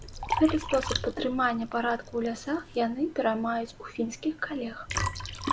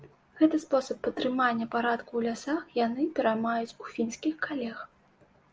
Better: second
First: background sound (Liquid); 6 dB below the speech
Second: none

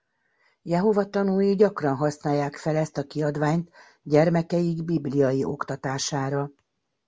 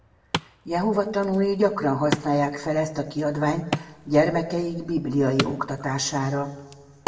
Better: first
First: none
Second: background sound (Wood); 10 dB below the speech // room echo; dies away in 1.5 s

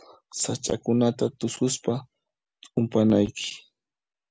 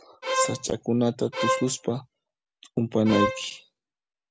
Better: first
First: none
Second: background sound (Bowed string instrument); 1 dB below the speech

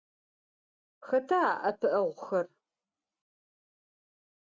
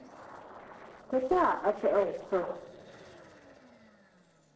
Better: first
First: none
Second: noise reduction (neural separator model SepFormer DNS4)

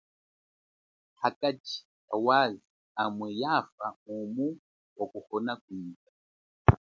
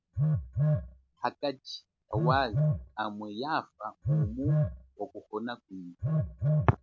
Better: first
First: none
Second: background sound (Telephone); 3 dB above the speech

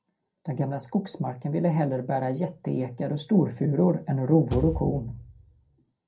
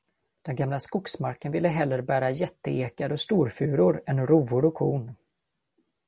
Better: second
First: background sound (Bass drum / Thump, thud); 9 dB below the speech // room echo; dies away in 0.2 s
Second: none

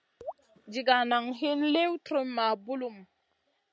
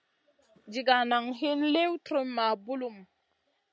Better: second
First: background sound (Raindrop / Drip); 15 dB below the speech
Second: none

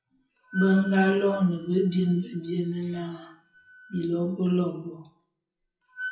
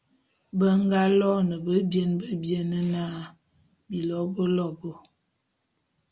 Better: second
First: noise reduction (classical method WPE with log-MMSE)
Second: none

